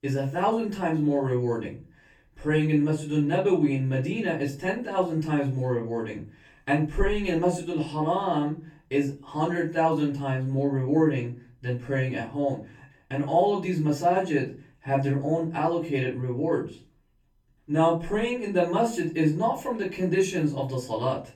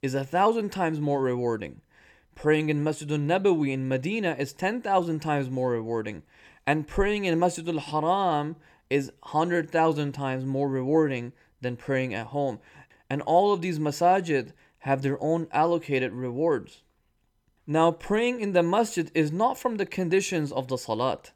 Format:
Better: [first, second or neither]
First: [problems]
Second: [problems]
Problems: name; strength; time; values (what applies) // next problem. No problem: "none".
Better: second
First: off-mic speech; far // room echo; slight; dies away in 0.3 s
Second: none